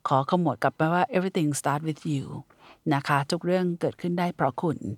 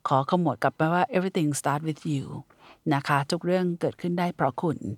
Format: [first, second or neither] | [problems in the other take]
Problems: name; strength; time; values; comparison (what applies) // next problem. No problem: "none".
neither | none